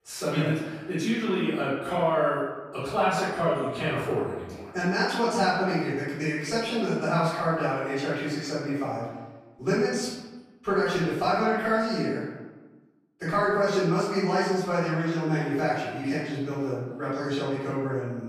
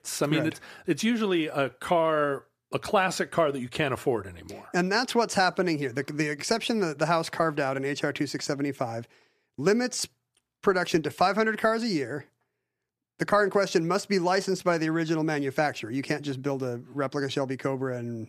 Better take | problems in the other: second | off-mic speech; far // room echo; strong; dies away in 1.1 s

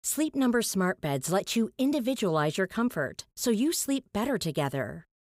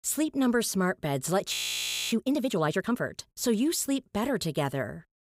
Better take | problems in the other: first | audio freezing; at 1.5 s for 0.5 s

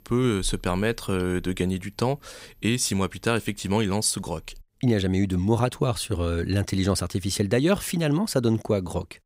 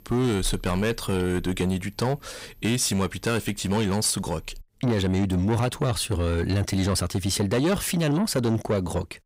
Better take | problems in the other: first | distortion; slight; 10 dB below the speech

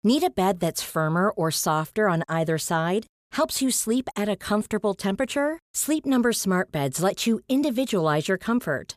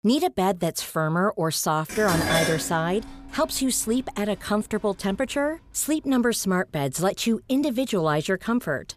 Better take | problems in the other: first | clattering dishes; loud; from 2 to 3.5 s; peak 2 dB above the speech

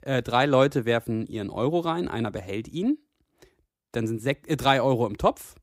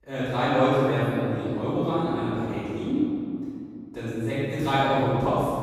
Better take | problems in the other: first | room echo; strong; dies away in 2.4 s // off-mic speech; far

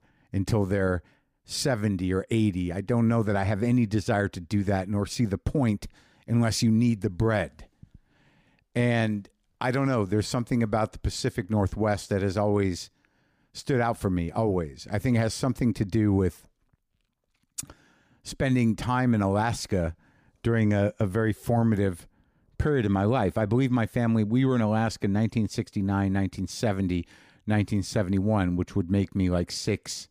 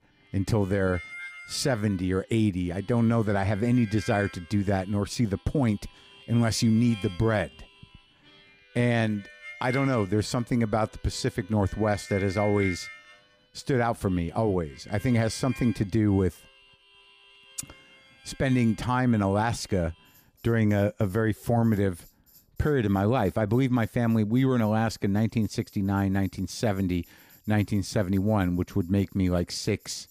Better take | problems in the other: first | background music; noticeable; throughout; 20 dB below the speech

